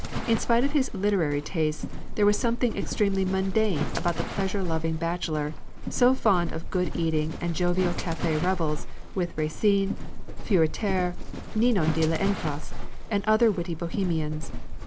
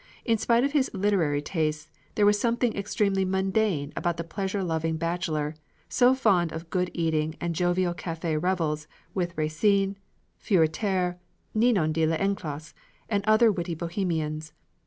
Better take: second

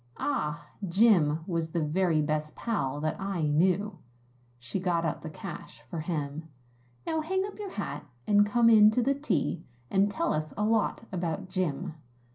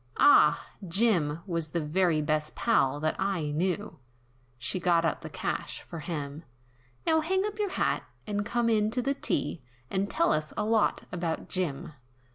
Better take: second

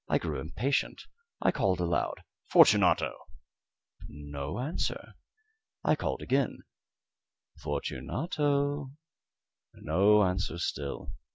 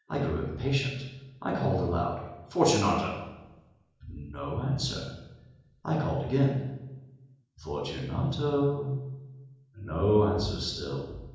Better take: first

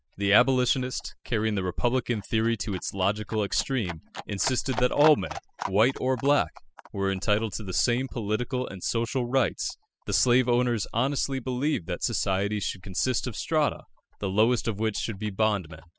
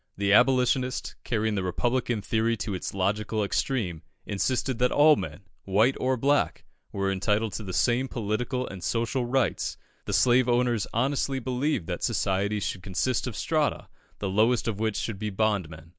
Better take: second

